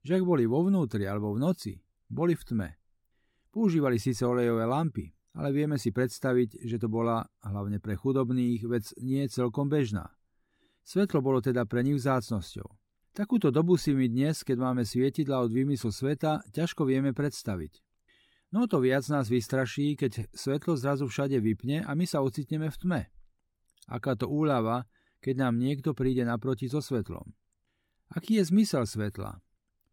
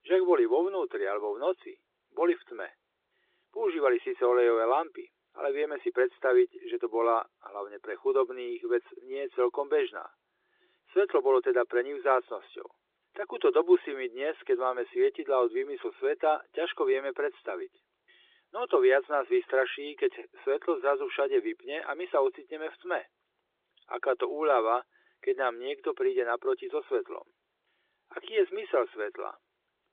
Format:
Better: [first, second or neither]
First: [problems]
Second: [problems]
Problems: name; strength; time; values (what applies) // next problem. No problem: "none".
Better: first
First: none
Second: phone-call audio